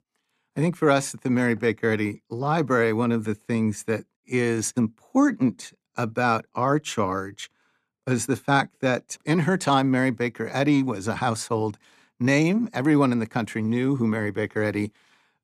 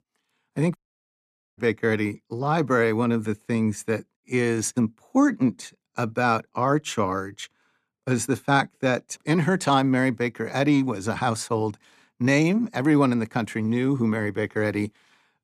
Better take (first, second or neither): first